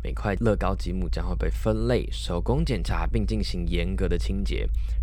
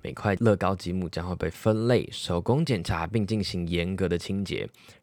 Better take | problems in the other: second | low rumble; faint; throughout; 25 dB below the speech

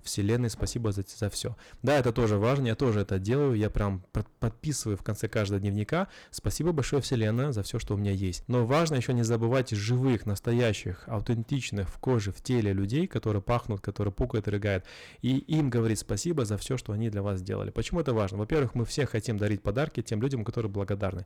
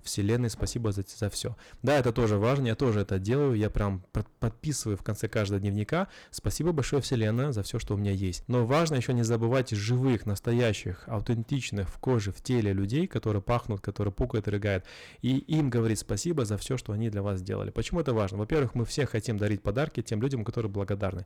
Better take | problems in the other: neither | distortion; slight; 5% of the sound clipped; the same in both

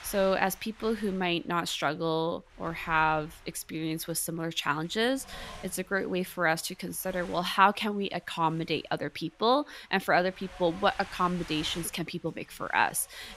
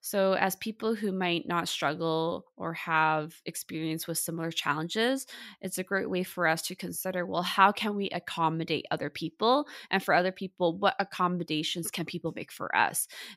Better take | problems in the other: second | wind noise on the microphone; occasional gusts; 20 dB below the speech

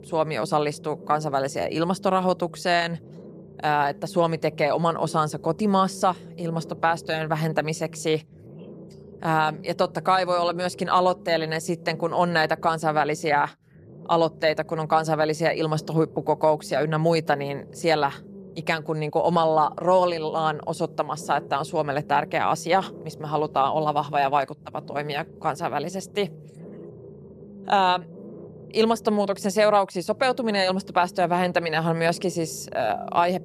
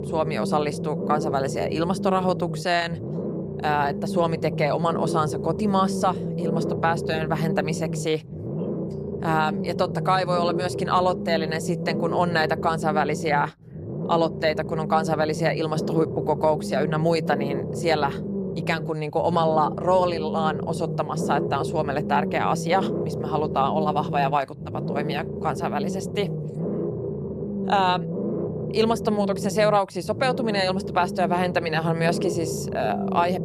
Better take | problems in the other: first | low rumble; loud; throughout; 9 dB below the speech; faint in the first

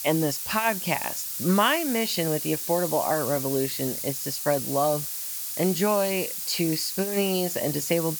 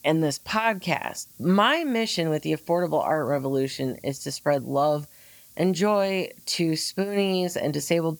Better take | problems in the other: second | hiss; loud; throughout; 3 dB below the speech; faint in the second

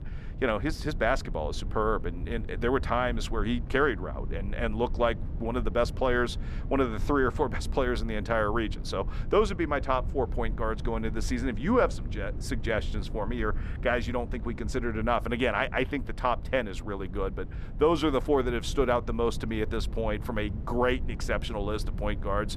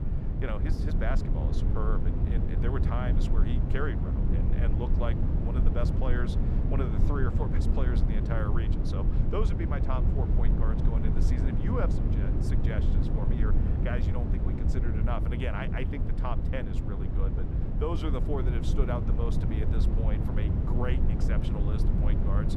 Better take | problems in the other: first | low rumble; loud; throughout; 2 dB below the speech; faint in the first

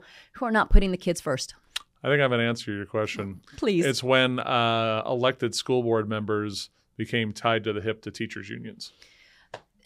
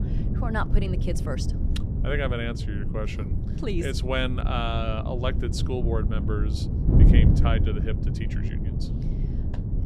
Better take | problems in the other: first | wind noise on the microphone; heavy; 6 dB below the speech

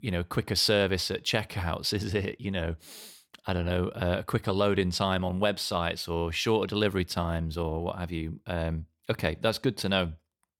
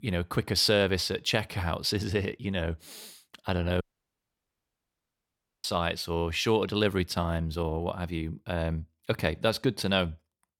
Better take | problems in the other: first | audio cutting out; at 4 s for 2 s

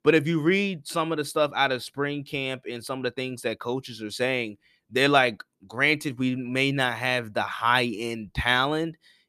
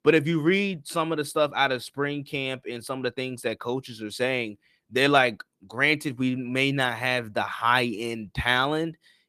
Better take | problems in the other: first | garbled, watery; slightly; nothing above 14.5 kHz

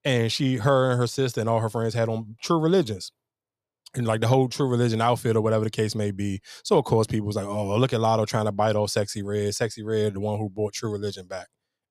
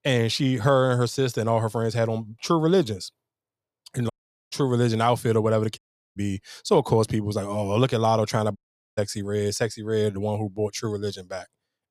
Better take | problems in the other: first | audio cutting out; at 4 s, at 6 s and at 8.5 s

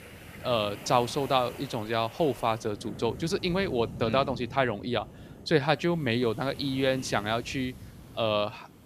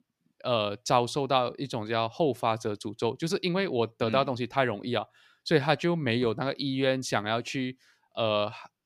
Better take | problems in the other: second | wind noise on the microphone; occasional gusts; 20 dB below the speech

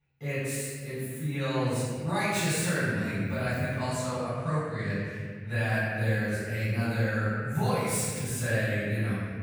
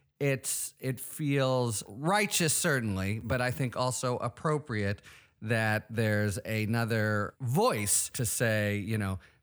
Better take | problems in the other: second | off-mic speech; far // room echo; strong; dies away in 2 s

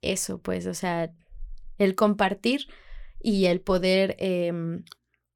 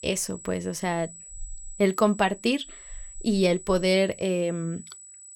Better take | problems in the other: first | high-pitched whine; noticeable; throughout; 8 kHz, 15 dB below the speech

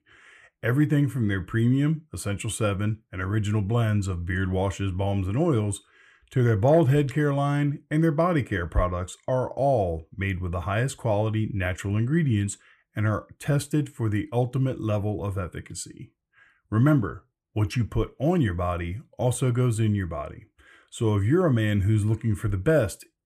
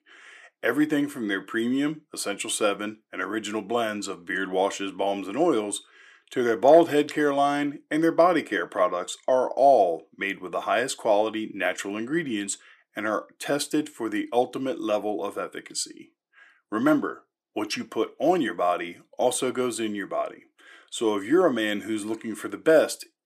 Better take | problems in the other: first | thin; somewhat; fading below 250 Hz

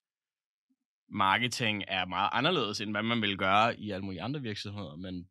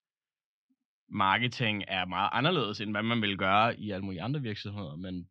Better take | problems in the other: first | muffled; very slightly; fading above 4 kHz

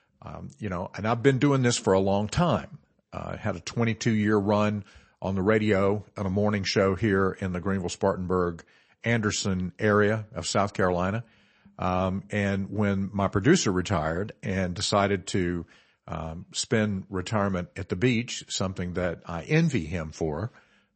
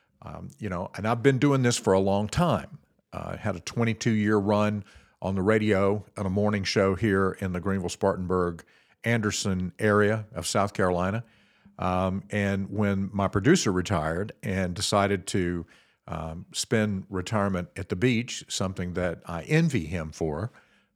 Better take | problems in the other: second | garbled, watery; slightly; nothing above 8 kHz

